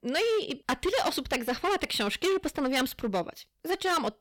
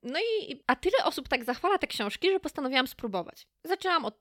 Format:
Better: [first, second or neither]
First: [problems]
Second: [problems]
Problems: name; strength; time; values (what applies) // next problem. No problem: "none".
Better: second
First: distortion; heavy; 15% of the sound clipped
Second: none